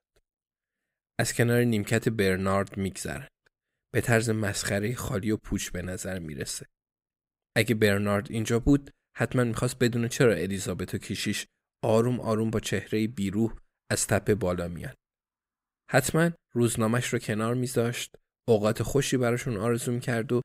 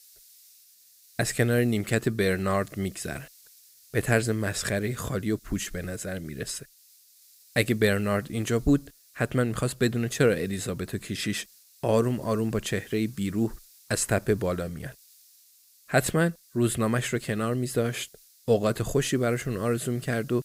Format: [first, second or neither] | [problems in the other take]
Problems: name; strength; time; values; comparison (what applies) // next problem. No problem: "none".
first | hiss; faint; throughout; 25 dB below the speech